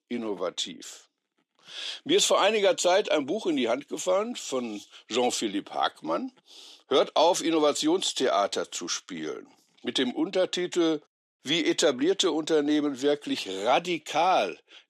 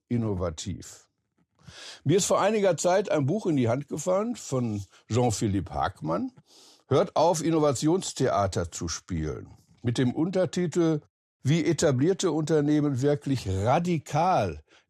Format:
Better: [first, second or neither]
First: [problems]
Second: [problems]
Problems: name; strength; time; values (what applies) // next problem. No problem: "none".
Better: second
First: thin; very slightly; fading below 250 Hz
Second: none